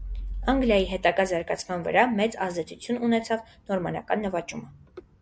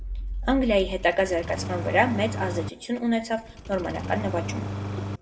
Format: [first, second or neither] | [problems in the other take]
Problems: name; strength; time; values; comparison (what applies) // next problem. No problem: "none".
first | background sound (Engine starting); 7 dB below the speech // room echo; dies away in 1 s